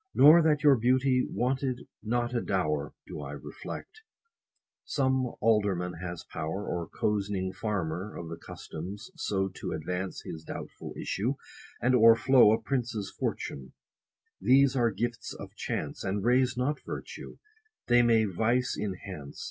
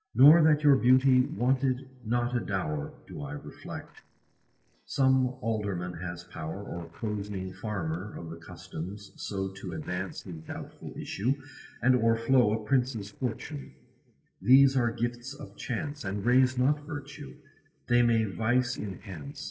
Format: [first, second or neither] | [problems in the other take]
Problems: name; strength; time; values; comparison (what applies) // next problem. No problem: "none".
first | noise reduction (neural separator model SepFormer DNS4)